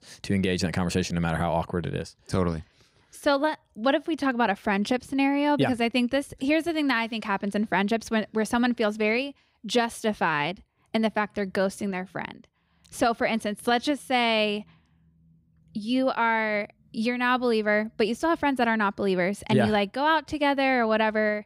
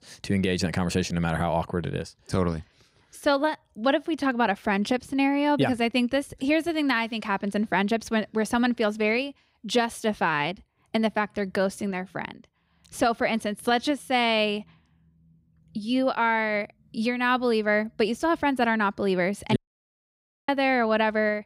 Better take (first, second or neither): first